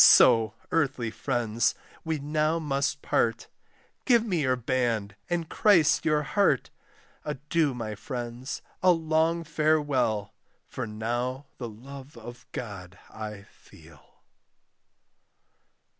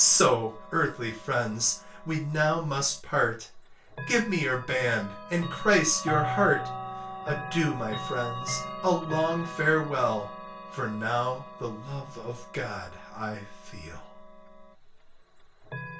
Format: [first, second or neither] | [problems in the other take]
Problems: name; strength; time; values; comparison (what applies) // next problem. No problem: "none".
first | background sound (Chime / Clock); 10 dB below the speech // room echo; dies away in 0.3 s